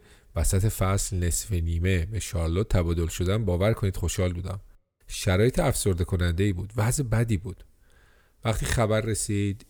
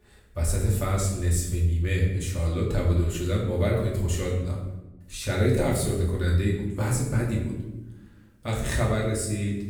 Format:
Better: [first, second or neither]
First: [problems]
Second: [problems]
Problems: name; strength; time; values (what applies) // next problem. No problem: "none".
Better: first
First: none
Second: room echo; noticeable; dies away in 0.8 s // off-mic speech; far